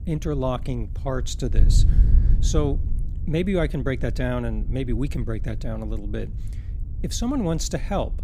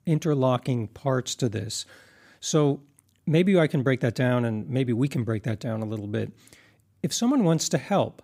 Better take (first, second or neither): second